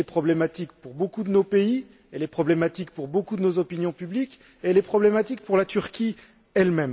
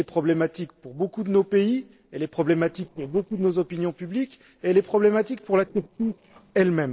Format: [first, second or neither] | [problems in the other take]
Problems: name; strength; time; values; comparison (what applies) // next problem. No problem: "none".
first | noise reduction (neural separator model SepFormer DNS4)